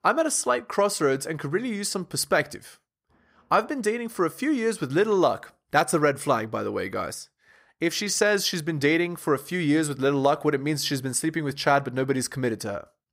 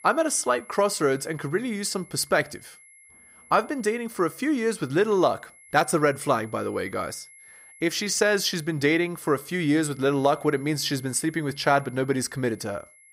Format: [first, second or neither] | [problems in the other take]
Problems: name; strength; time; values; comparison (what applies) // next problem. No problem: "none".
first | high-pitched whine; faint; throughout; 2 kHz, 25 dB below the speech